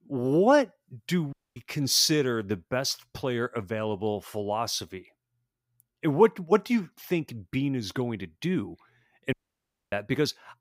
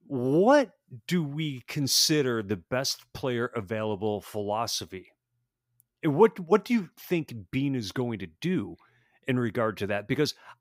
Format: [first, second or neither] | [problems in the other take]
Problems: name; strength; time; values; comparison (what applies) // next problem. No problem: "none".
second | audio cutting out; at 1.5 s and at 9.5 s for 0.5 s